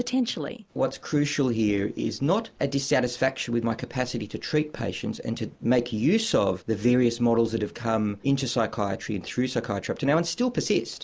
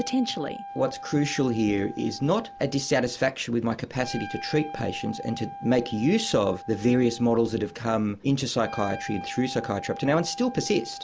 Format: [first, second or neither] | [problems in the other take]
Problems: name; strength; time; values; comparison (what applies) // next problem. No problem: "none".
first | background sound (Wind instrument, woodwind instrument); 14 dB below the speech